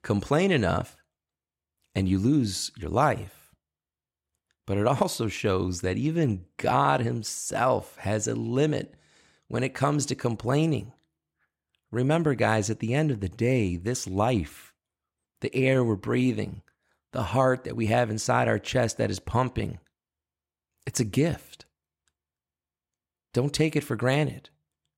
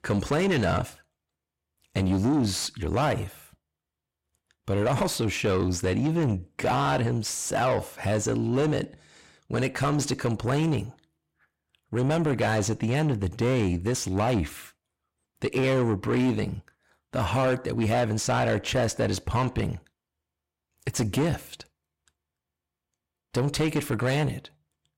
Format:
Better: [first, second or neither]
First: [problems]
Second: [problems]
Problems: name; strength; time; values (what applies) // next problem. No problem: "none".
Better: first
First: none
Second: distortion; heavy; 7 dB below the speech